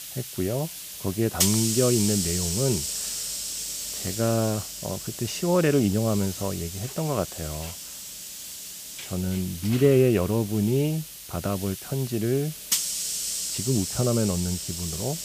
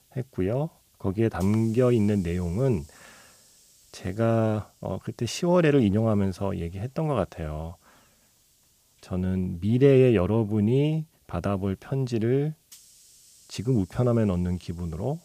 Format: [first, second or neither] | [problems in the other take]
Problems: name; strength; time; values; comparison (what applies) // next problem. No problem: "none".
second | hiss; loud; throughout; 4 dB below the speech; faint in the second